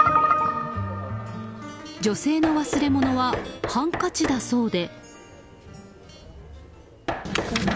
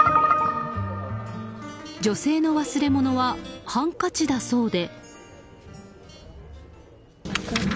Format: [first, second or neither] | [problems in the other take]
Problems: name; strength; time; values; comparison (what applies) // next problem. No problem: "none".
second | background sound (Knock); 10 dB below the speech